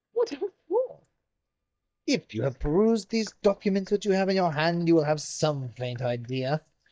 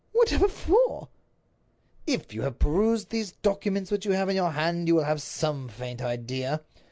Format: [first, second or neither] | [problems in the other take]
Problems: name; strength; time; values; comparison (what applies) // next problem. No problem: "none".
second | noise reduction (neural mask model DeepFilterNet 3)